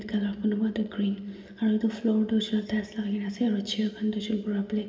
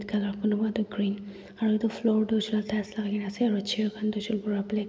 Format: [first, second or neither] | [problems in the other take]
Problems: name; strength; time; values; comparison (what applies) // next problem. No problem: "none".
second | room echo; dies away in 1.1 s